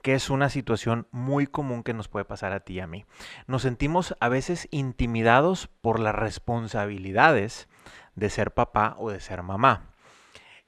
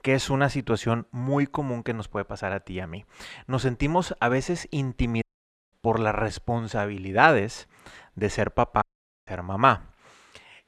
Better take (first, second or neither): first